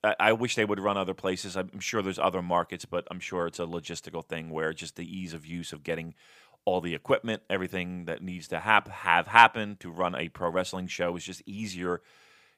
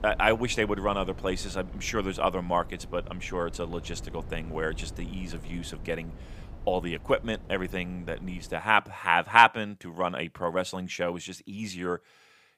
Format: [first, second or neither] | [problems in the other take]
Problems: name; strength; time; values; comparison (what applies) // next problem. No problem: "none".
first | low rumble; faint; until 8.5 s; 25 dB below the speech